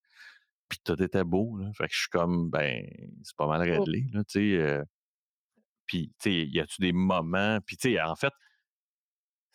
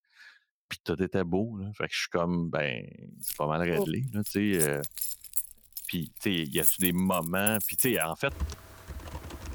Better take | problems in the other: first | household noises; loud; from 3.5 s on; 1 dB below the speech

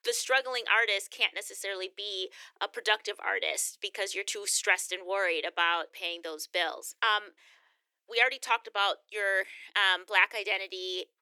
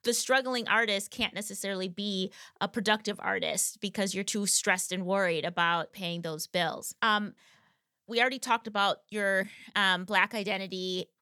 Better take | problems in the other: second | thin; very; fading below 300 Hz

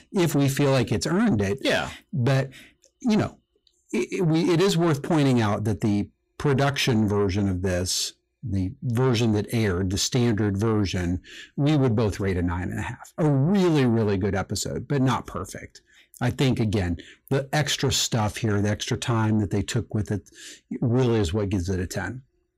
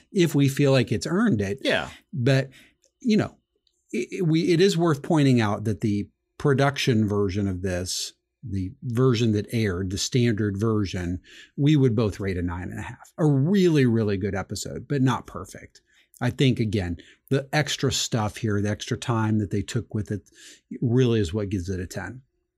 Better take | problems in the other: second | distortion; slight; 10 dB below the speech

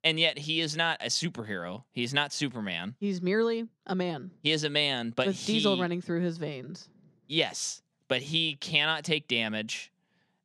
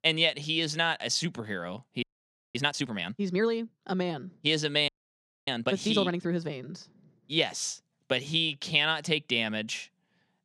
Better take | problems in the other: first | audio freezing; at 2 s for 0.5 s and at 5 s for 0.5 s

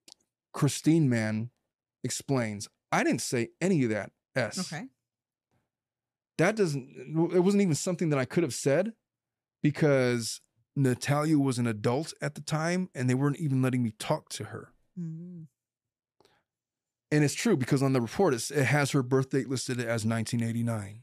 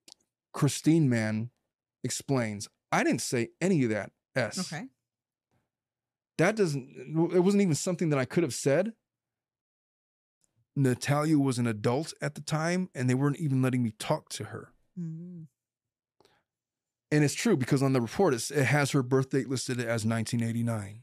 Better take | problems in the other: first | audio cutting out; at 9.5 s for 1 s

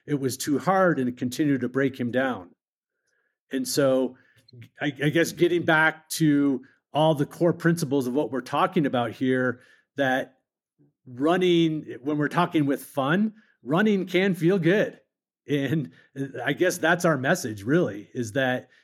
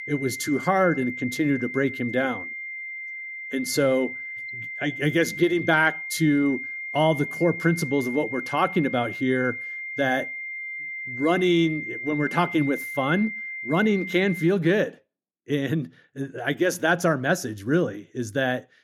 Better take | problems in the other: first | high-pitched whine; loud; until 14 s; 2 kHz, 8 dB below the speech

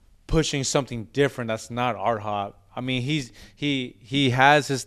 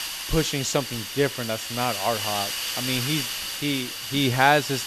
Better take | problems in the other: first | hiss; loud; throughout; 3 dB below the speech

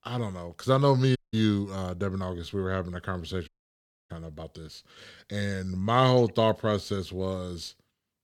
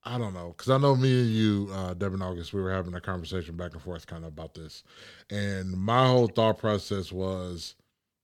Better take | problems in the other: second | audio cutting out; at 1 s and at 3.5 s for 0.5 s

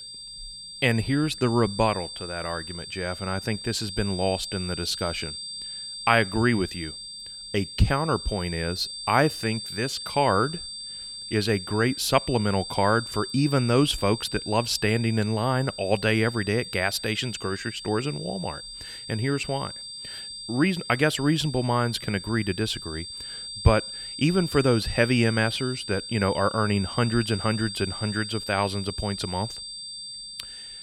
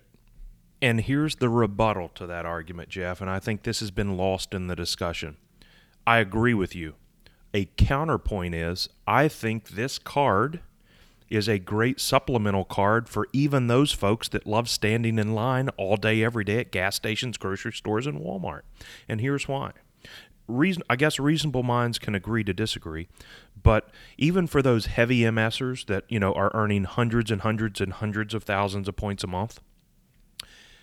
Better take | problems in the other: second | high-pitched whine; loud; throughout; 4.5 kHz, 9 dB below the speech

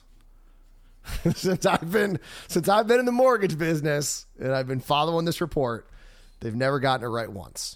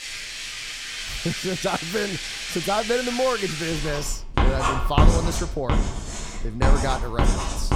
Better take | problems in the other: first | household noises; very loud; throughout; 1 dB above the speech

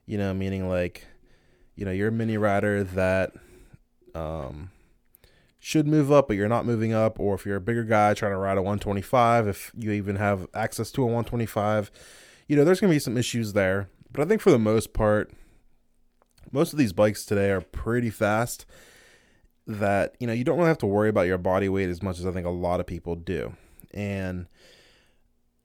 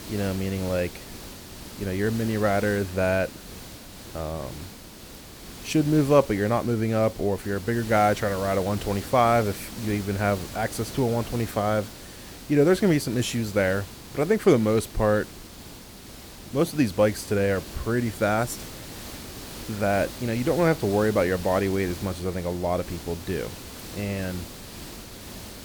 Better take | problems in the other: first | hiss; noticeable; throughout; 15 dB below the speech

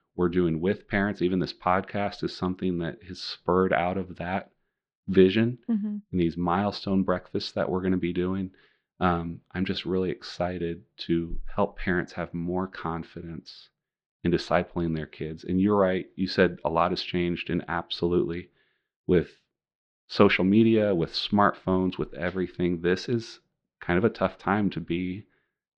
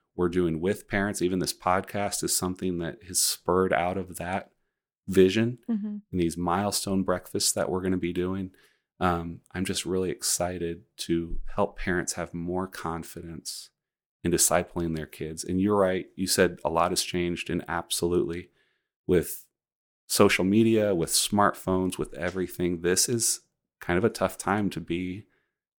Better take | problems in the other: second | muffled; slightly; fading above 4 kHz

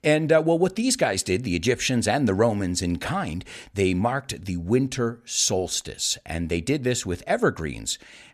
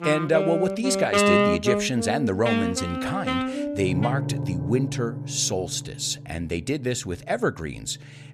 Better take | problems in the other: first | background music; very loud; throughout; as loud as the speech

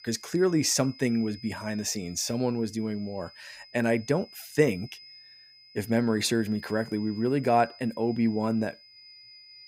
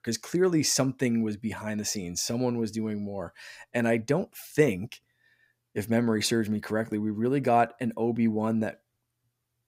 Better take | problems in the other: second | high-pitched whine; faint; throughout; 5 kHz, 20 dB below the speech

